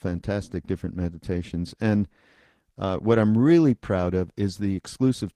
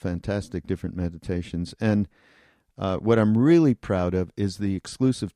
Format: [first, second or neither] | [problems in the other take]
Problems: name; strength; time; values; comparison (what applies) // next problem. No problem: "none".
second | garbled, watery; slightly